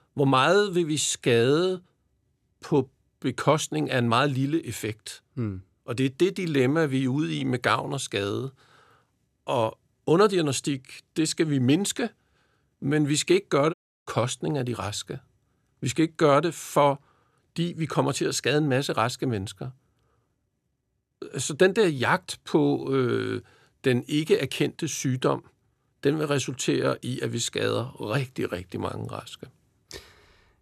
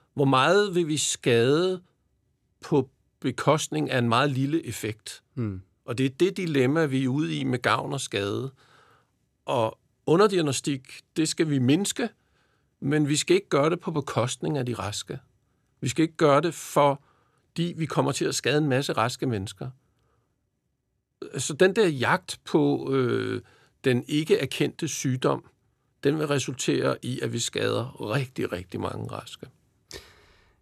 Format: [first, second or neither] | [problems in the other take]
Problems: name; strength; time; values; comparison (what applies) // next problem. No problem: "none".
second | audio cutting out; at 14 s